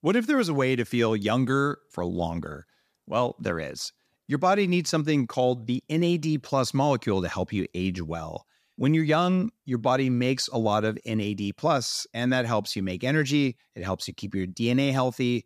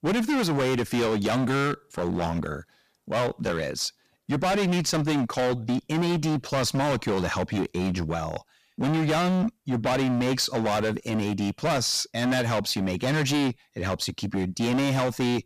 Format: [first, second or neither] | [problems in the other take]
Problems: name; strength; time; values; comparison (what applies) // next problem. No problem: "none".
first | distortion; heavy; 25% of the sound clipped